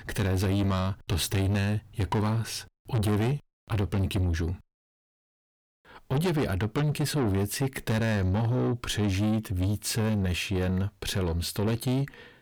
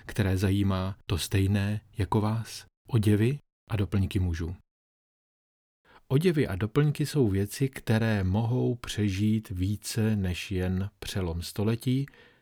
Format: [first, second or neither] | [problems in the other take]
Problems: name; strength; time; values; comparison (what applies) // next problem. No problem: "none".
second | distortion; heavy; 8 dB below the speech